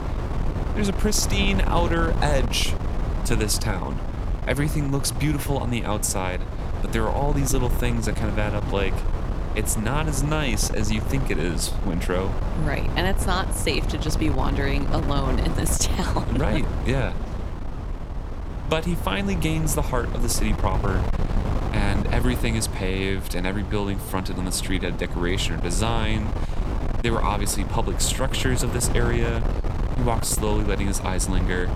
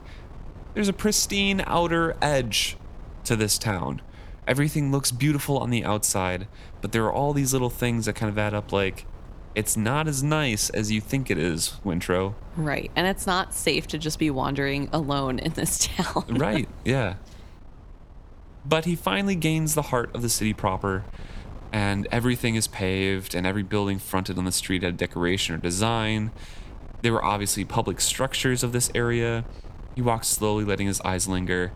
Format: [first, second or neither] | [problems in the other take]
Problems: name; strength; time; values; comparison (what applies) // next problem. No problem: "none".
second | wind noise on the microphone; heavy; 8 dB below the speech; occasional gusts in the second